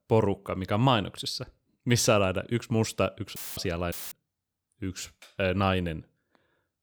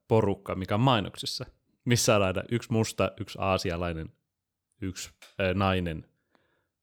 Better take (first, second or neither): second